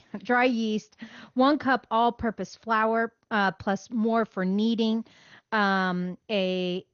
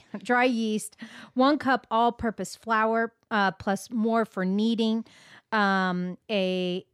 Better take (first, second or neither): second